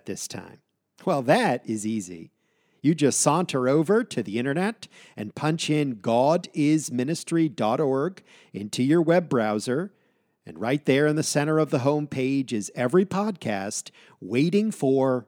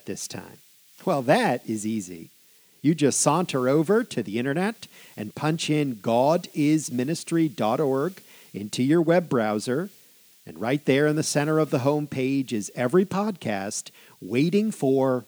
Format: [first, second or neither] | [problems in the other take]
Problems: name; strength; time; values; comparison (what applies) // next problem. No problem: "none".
first | hiss; faint; throughout; 25 dB below the speech